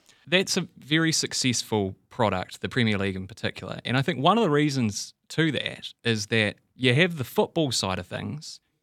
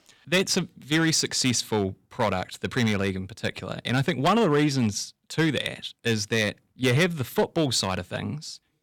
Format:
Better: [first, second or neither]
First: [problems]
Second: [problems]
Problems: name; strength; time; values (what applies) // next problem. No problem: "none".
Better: first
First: none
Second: distortion; slight; 3% of the sound clipped